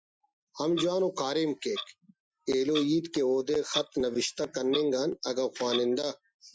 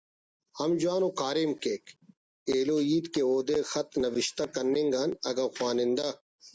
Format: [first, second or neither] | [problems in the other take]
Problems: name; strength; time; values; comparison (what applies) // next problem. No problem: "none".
second | noise reduction (classical method Wiener filter)